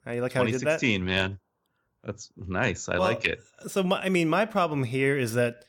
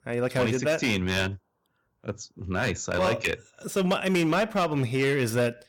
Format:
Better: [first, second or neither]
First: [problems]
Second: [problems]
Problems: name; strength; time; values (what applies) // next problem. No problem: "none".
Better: first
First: none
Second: distortion; slight; 7% of the sound clipped